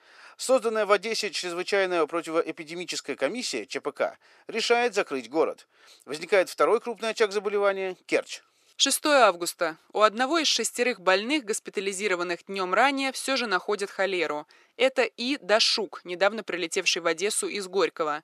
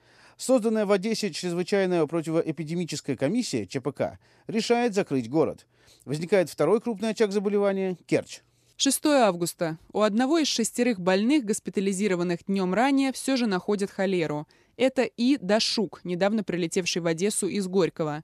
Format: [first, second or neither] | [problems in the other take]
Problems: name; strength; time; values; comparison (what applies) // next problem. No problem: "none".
second | thin; somewhat; fading below 450 Hz